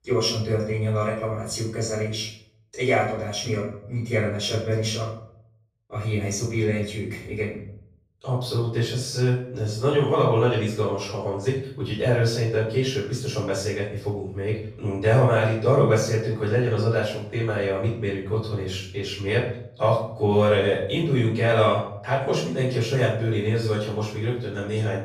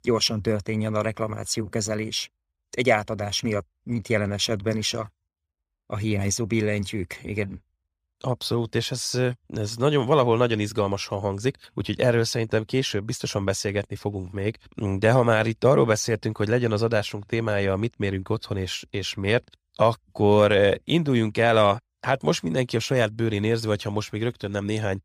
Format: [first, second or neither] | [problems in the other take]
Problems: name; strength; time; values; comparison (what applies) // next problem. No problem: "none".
second | room echo; noticeable; dies away in 0.6 s // off-mic speech; far